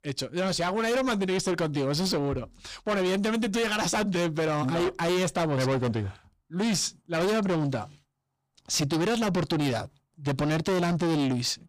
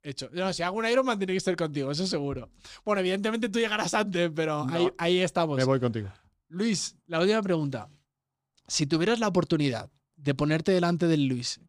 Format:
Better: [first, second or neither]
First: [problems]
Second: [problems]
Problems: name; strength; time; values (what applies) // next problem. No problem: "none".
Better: second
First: distortion; heavy; 7 dB below the speech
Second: none